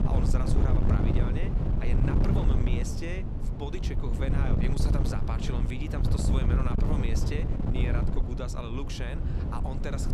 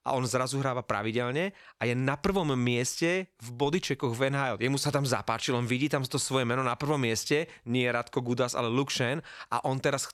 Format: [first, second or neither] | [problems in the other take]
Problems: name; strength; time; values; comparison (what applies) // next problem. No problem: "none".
second | wind noise on the microphone; heavy; 1 dB above the speech